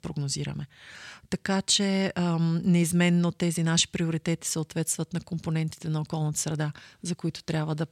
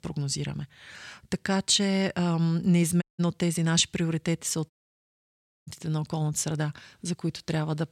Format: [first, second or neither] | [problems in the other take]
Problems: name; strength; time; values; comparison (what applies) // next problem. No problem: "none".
first | audio cutting out; at 3 s and at 4.5 s for 1 s